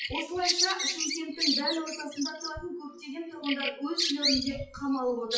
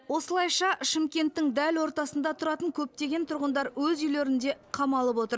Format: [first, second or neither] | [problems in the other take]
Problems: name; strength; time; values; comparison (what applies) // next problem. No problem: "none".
second | noise reduction (classical method WPE with log-MMSE)